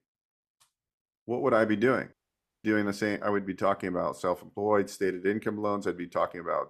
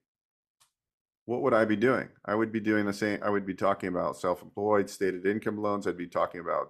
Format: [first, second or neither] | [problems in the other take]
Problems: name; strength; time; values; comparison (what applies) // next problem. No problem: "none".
second | audio cutting out; at 2 s for 0.5 s